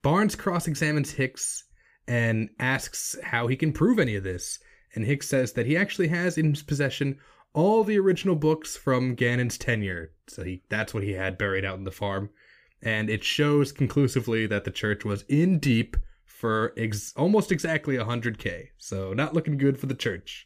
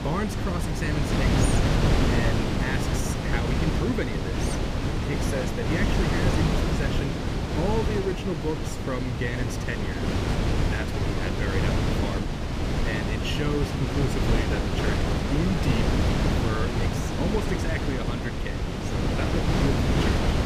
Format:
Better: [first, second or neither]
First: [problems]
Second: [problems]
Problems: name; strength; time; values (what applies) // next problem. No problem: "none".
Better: first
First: none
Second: wind noise on the microphone; heavy; 3 dB above the speech